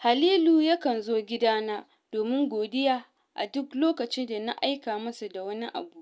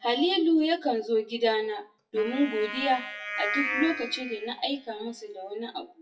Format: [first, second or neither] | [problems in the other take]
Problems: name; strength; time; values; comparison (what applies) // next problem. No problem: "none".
first | noise reduction (classical method WPE with log-MMSE)